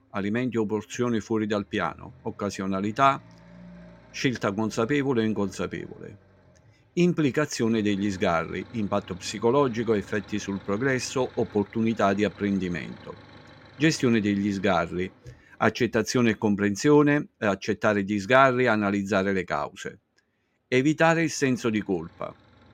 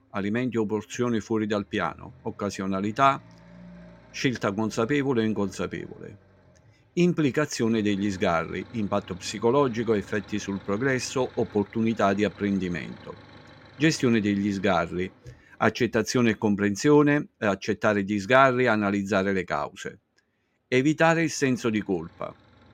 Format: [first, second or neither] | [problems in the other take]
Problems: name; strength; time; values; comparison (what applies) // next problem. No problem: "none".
neither | traffic noise; faint; throughout; 25 dB below the speech; the same in both